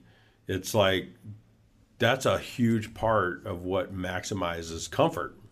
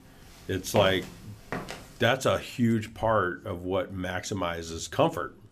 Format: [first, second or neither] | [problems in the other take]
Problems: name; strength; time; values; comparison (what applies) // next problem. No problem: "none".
first | footsteps; noticeable; at 1 s; peak 5 dB below the speech